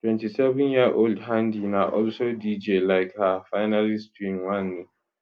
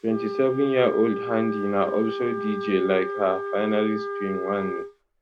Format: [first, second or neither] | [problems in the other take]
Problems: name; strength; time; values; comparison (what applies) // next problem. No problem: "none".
first | background sound (Wind instrument, woodwind instrument); 6 dB below the speech